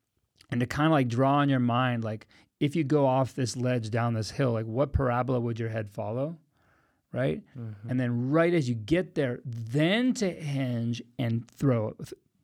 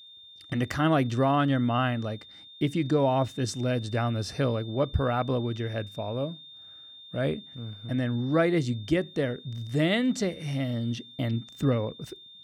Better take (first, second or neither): first